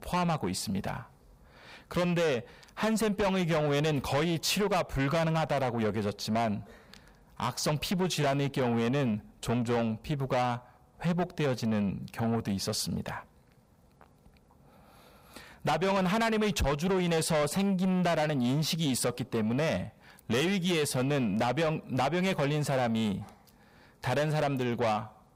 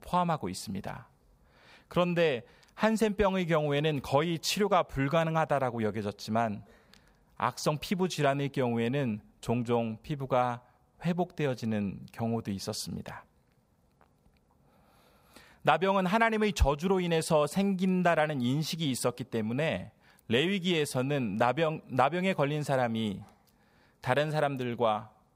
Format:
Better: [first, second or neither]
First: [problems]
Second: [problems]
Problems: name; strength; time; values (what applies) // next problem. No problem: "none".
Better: second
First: distortion; heavy; 7 dB below the speech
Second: none